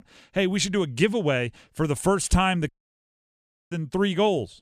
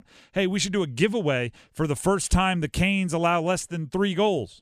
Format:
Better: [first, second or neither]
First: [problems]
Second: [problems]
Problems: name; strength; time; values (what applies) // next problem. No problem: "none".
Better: second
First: audio cutting out; at 2.5 s for 1 s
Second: none